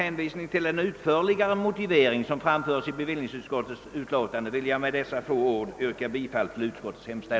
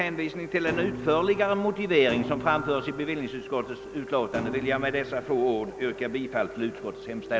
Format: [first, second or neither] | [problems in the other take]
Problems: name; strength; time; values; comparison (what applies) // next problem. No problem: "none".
first | background sound (Thump, thud + Wind instrument, woodwind instrument); 11 dB below the speech